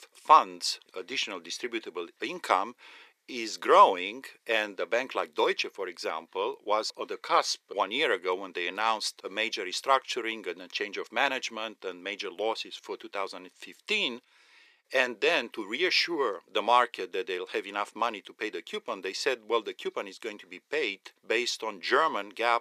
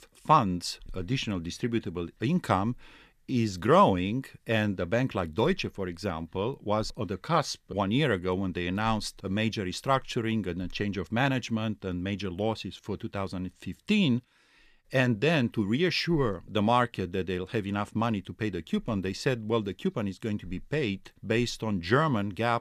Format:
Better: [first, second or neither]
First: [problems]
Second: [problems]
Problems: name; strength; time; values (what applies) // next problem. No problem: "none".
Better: second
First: thin; very; fading below 400 Hz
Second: none